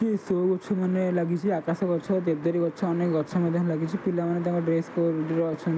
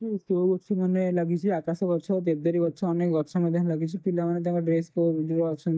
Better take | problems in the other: first | noise reduction (neural mask model DeepFilterNet 3)

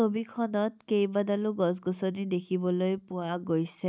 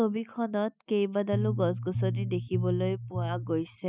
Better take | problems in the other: first | noise reduction (classical method spectral subtraction)

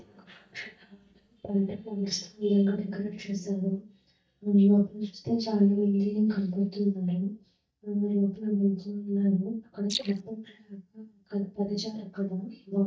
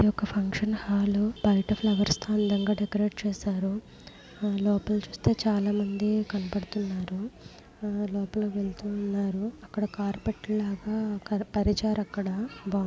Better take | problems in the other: second | noise reduction (neural mask model DeepFilterNet 3)

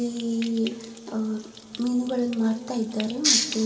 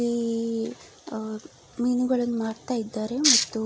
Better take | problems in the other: second | background sound (Stream); 18 dB below the speech // room echo; dies away in 2.3 s

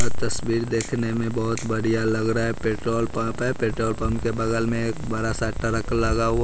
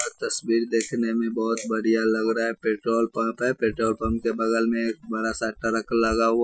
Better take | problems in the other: first | noise reduction (classical method Wiener filter)

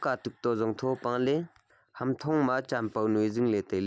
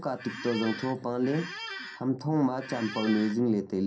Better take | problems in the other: first | background sound (Squeak); 11 dB below the speech // room echo; dies away in 0.3 s

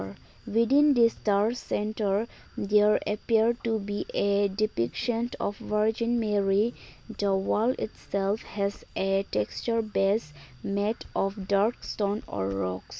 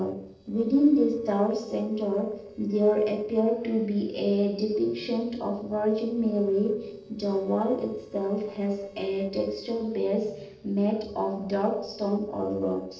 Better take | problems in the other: first | noise reduction (neural separator model SepFormer DNS4)

